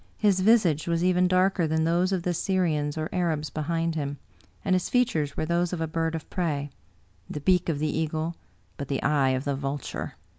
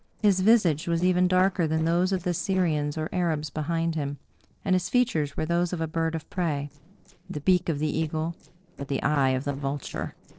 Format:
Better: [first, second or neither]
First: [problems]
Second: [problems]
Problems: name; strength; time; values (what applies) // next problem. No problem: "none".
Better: first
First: none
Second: noise reduction (neural separator model SepFormer DNS4)